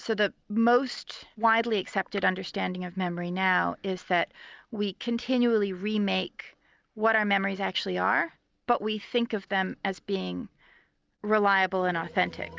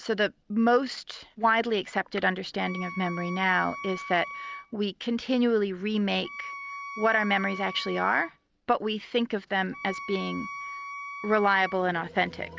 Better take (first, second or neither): first